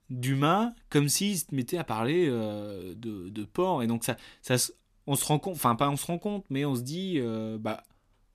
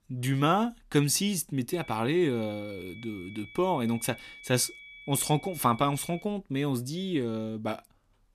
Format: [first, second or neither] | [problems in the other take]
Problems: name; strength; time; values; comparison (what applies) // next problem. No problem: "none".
first | high-pitched whine; noticeable; from 1.5 to 6 s; 2.5 kHz, 20 dB below the speech